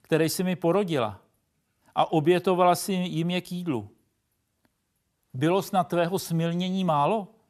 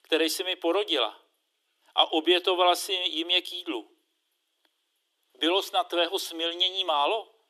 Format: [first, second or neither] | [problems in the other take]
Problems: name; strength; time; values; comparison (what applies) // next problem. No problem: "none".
first | thin; very; fading below 300 Hz